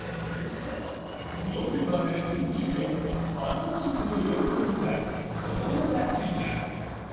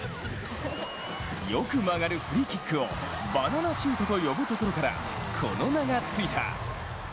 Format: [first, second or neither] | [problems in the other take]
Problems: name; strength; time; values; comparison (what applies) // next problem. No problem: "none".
second | noise reduction (neural separator model SepFormer DNS4)